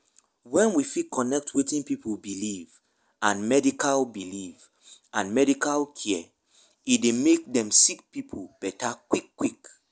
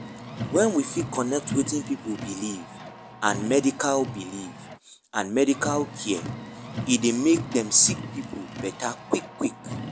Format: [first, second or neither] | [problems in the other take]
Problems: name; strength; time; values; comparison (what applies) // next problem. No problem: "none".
first | background sound (Car); 10 dB below the speech